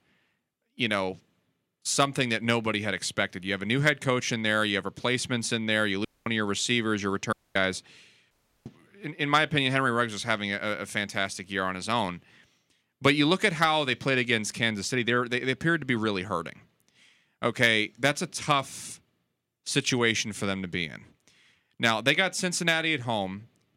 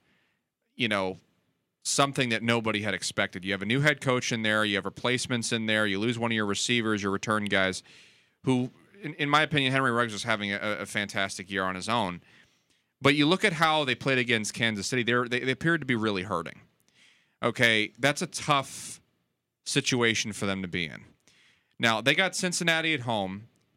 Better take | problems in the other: second | audio cutting out; at 6 s, at 7.5 s and at 8.5 s

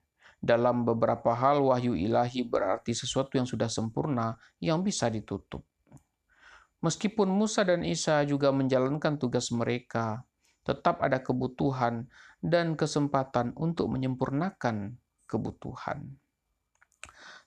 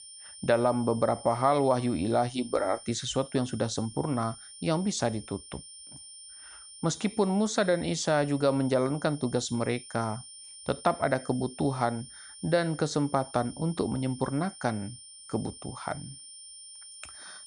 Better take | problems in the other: first | high-pitched whine; noticeable; throughout; 9 kHz, 15 dB below the speech

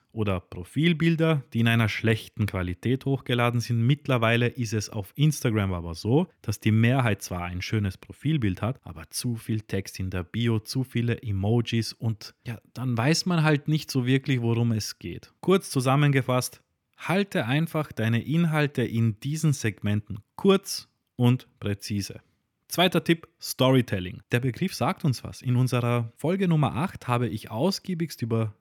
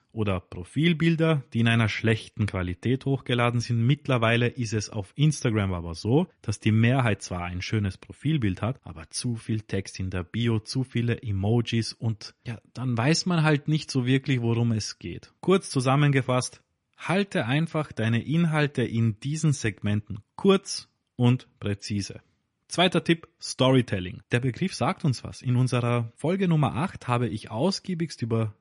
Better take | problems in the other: first | garbled, watery; slightly; nothing above 10.5 kHz

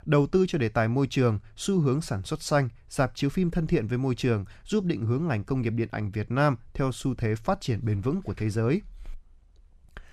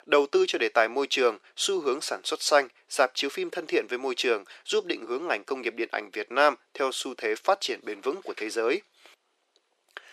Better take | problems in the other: first | thin; very; fading below 350 Hz

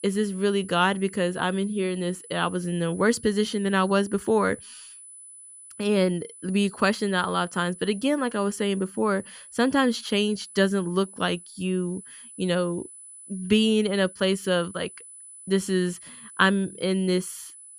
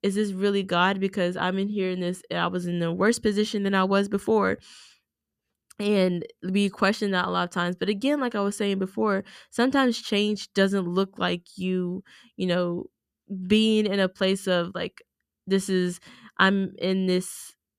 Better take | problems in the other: second | high-pitched whine; noticeable; throughout; 10 kHz, 20 dB below the speech

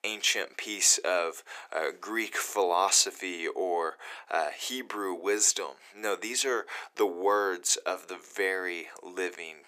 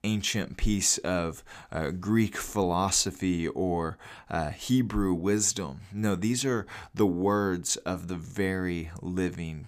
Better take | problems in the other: second | thin; very; fading below 400 Hz

